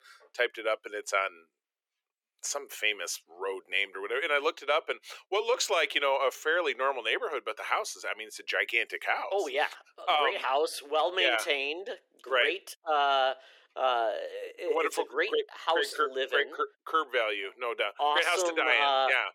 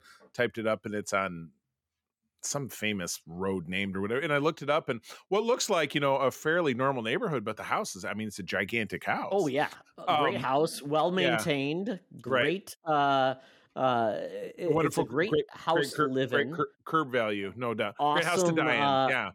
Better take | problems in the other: second | thin; very; fading below 400 Hz

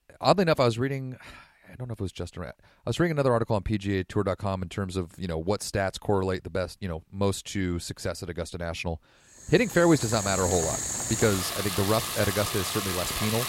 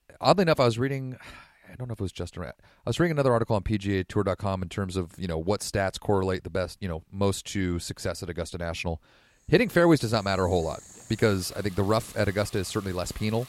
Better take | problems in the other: second | household noises; loud; from 10 s on; 2 dB below the speech; faint in the second

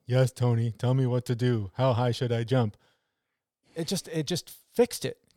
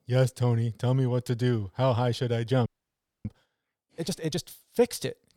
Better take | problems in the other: first | audio freezing; at 2.5 s for 0.5 s

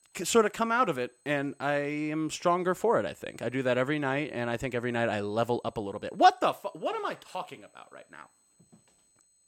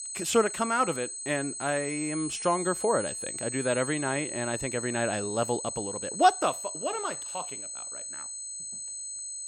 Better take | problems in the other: first | high-pitched whine; loud; throughout; 8 kHz, 5 dB below the speech; faint in the first

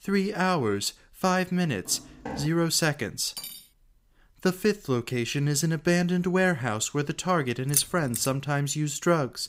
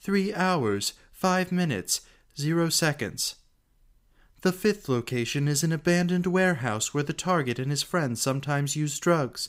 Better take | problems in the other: second | footsteps; faint; at 2 s; peak 10 dB below the speech // clattering dishes; faint; at 3.5 s; peak 10 dB below the speech // jangling keys; loud; at 7.5 s; peak level with the speech

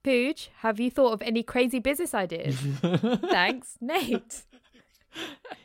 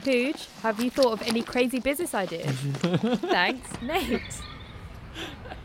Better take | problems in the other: first | animal sounds; noticeable; throughout; 10 dB below the speech

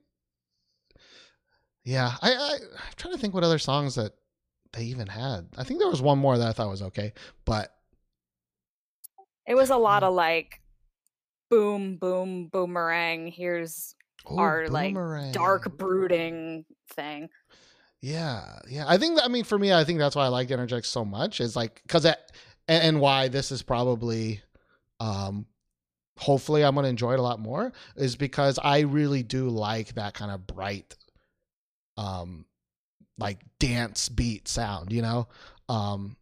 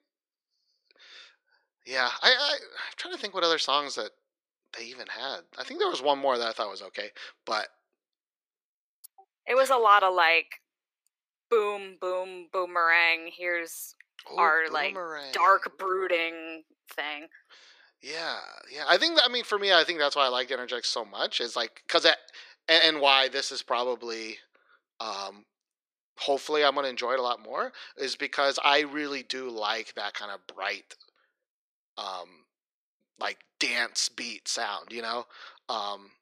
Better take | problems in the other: first | thin; very; fading below 350 Hz

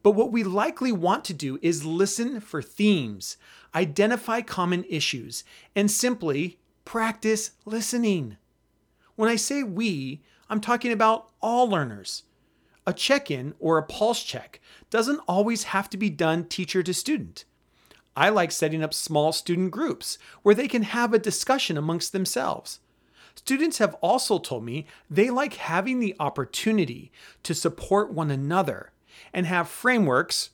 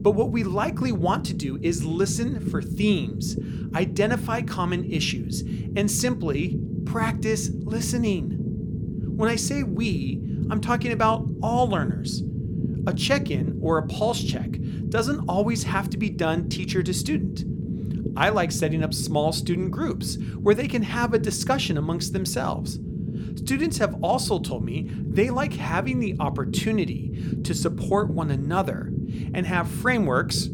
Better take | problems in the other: first | low rumble; noticeable; throughout; 10 dB below the speech

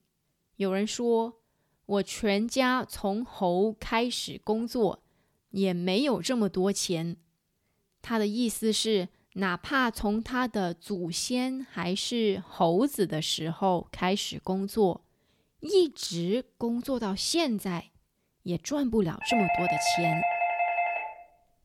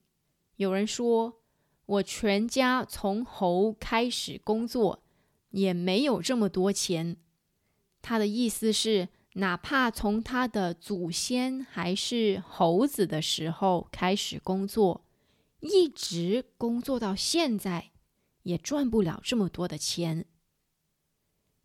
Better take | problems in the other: second | doorbell; loud; from 19 to 21 s; peak 2 dB above the speech

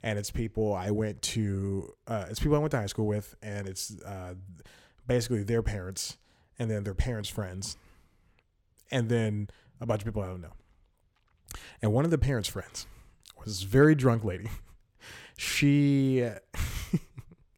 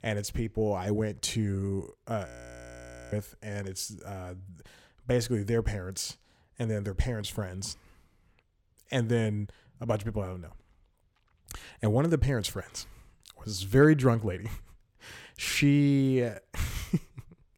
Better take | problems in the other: first | audio freezing; at 2.5 s for 1 s

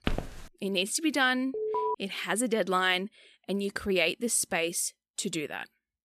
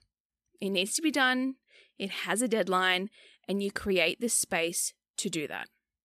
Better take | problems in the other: second | footsteps; noticeable; at the start; peak 6 dB below the speech // alarm; noticeable; at 1.5 s; peak 2 dB below the speech

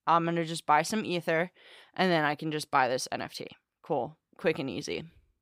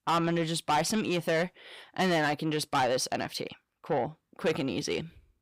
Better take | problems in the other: first | distortion; heavy; 7 dB below the speech

